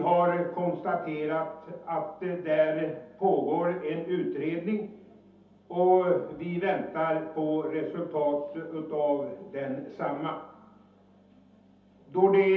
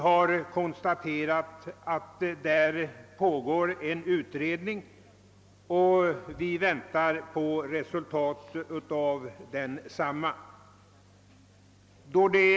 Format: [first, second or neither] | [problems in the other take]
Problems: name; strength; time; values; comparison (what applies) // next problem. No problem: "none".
second | room echo; dies away in 0.6 s